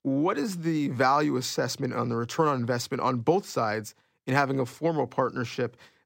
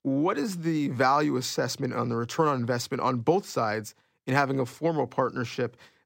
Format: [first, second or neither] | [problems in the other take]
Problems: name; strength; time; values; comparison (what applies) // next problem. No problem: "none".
neither | none